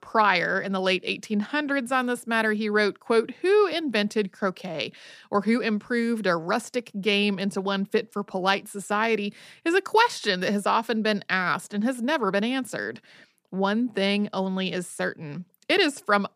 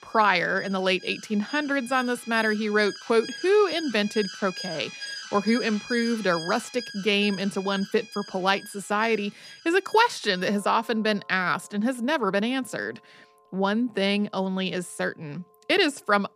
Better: first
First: none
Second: alarms or sirens; noticeable; throughout; 15 dB below the speech

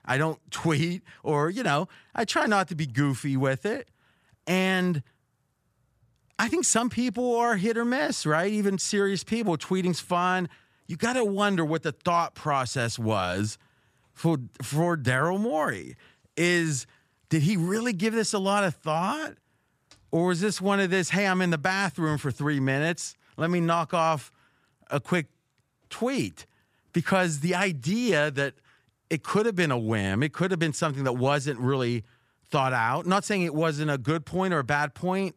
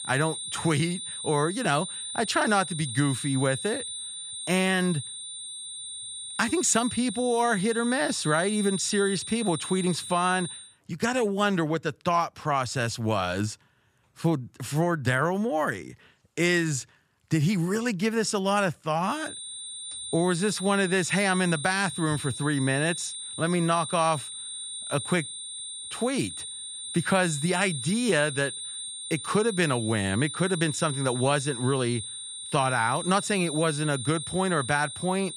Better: first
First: none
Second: high-pitched whine; loud; until 11 s and from 19 s on; 9 kHz, 7 dB below the speech

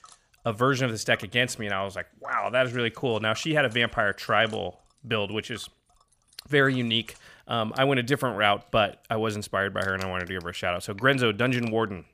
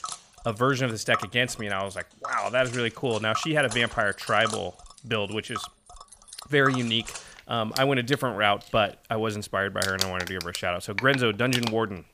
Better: first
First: household noises; faint; throughout; 25 dB below the speech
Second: household noises; loud; throughout; 9 dB below the speech

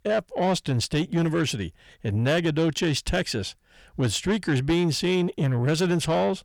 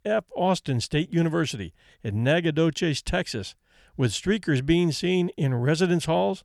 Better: second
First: distortion; slight; 10 dB below the speech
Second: none

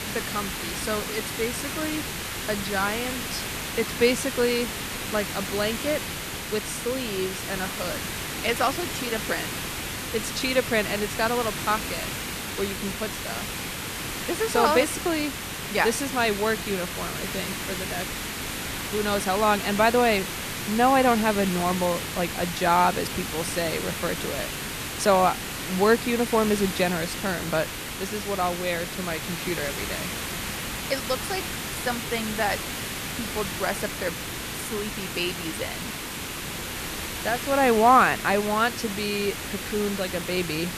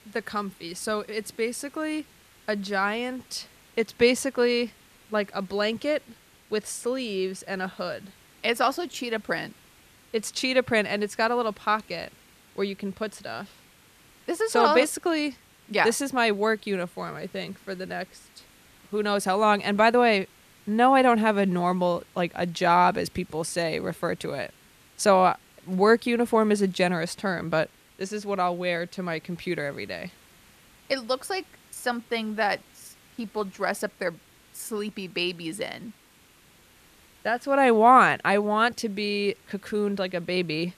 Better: second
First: hiss; loud; throughout; 4 dB below the speech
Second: hiss; faint; throughout; 30 dB below the speech

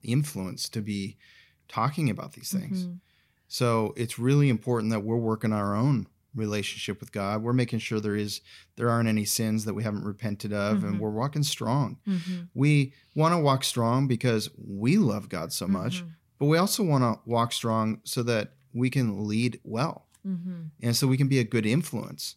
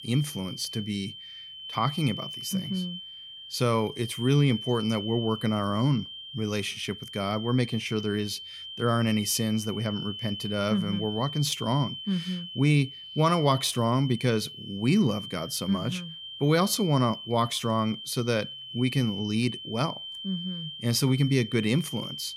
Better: first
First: none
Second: high-pitched whine; loud; throughout; 3 kHz, 10 dB below the speech

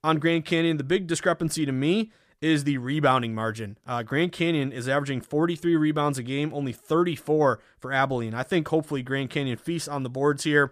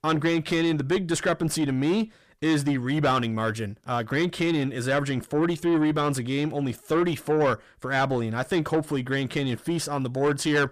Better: first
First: none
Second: distortion; slight; 9 dB below the speech

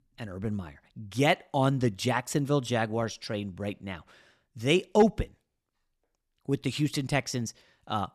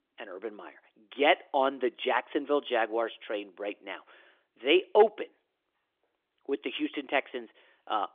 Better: first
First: none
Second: phone-call audio; nothing above 3.5 kHz

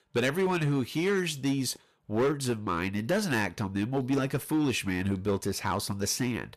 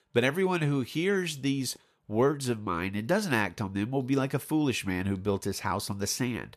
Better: second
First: distortion; slight; 7% of the sound clipped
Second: none

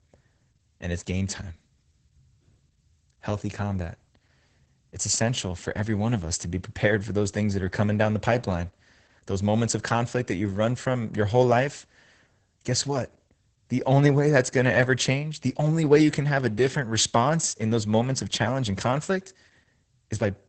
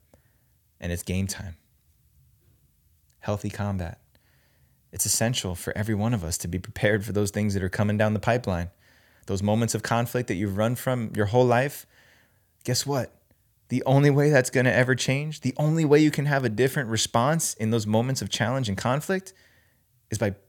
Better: second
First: garbled, watery; badly; nothing above 8 kHz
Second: none

